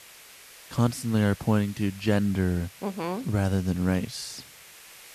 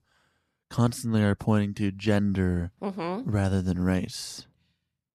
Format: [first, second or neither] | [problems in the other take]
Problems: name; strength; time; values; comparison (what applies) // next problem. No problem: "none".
second | hiss; noticeable; throughout; 20 dB below the speech